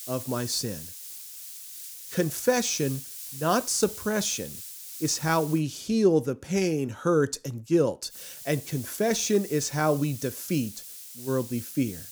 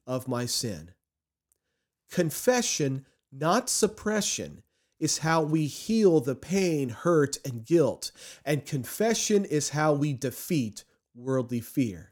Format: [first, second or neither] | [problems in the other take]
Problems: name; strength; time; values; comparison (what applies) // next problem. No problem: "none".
second | hiss; noticeable; until 5.5 s and from 8 s on; 10 dB below the speech